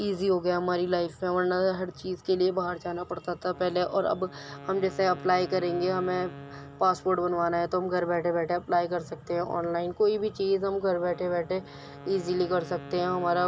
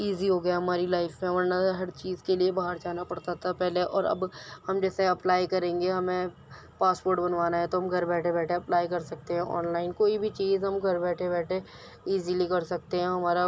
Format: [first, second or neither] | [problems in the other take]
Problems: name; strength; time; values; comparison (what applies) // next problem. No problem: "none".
second | background sound (Wind instrument, woodwind instrument); 19 dB below the speech